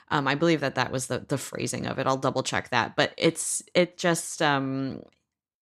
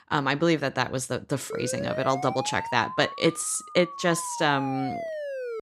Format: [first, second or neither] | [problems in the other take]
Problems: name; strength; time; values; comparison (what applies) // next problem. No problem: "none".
first | siren; noticeable; from 1.5 s on; peak 7 dB below the speech